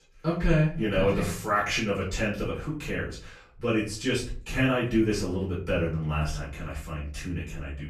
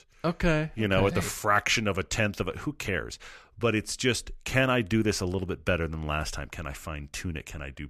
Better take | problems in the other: second | off-mic speech; far // room echo; slight; dies away in 0.4 s

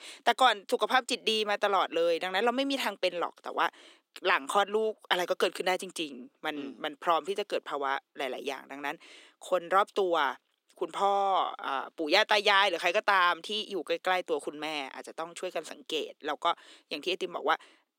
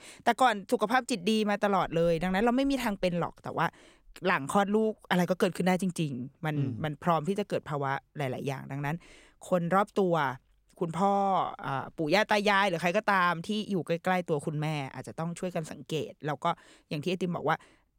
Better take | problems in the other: second | thin; somewhat; fading below 300 Hz

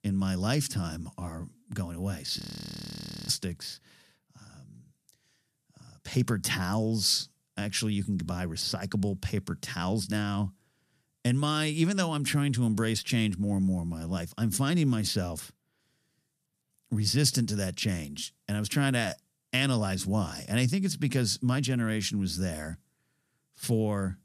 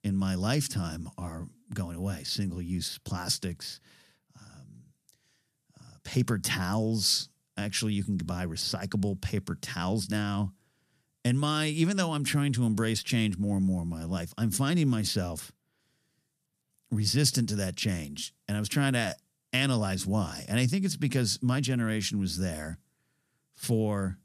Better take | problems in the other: second | audio freezing; at 2.5 s for 1 s

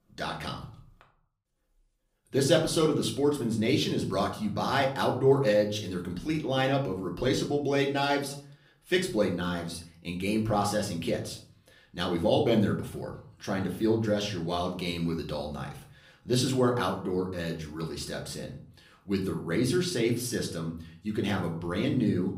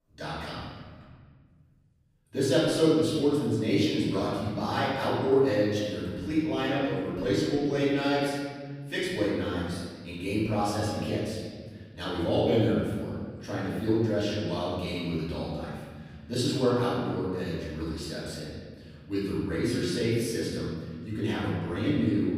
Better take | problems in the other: first | room echo; strong; dies away in 1.8 s; slight in the first // off-mic speech; far; somewhat distant in the first

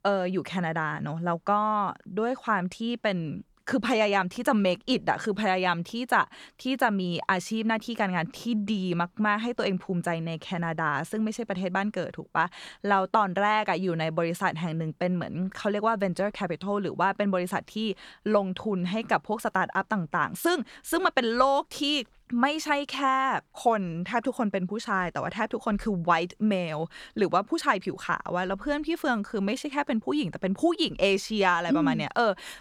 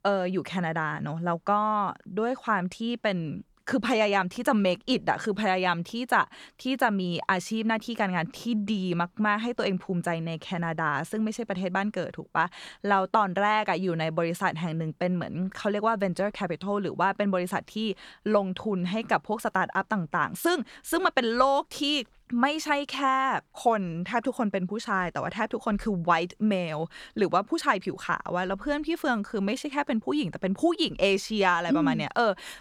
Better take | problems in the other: neither | none

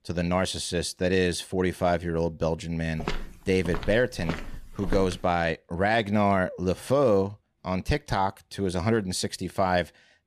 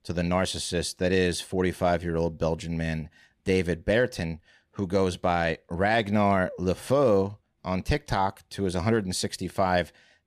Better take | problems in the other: second | footsteps; noticeable; from 3 to 5 s; peak 8 dB below the speech

